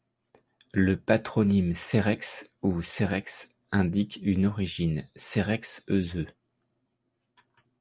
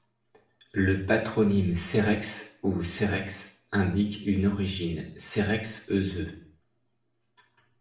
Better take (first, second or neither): first